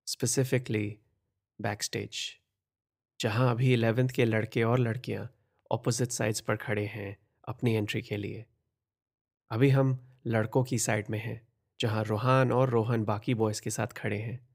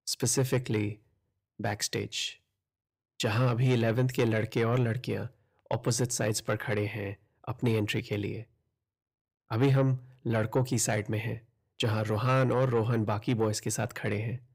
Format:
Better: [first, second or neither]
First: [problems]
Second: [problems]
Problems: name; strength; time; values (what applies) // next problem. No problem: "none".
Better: first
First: none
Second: distortion; slight; 10 dB below the speech